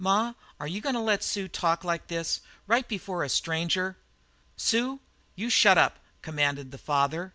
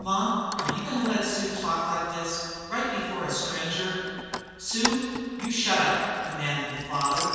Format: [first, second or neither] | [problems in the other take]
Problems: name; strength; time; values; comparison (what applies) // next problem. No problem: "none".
first | background sound (Keys jangling); 10 dB below the speech // room echo; dies away in 2.1 s